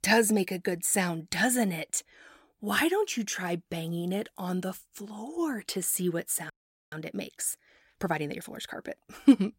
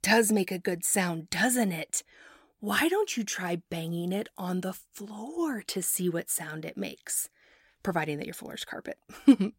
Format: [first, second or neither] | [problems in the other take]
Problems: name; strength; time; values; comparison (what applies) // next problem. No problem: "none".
second | audio freezing; at 6.5 s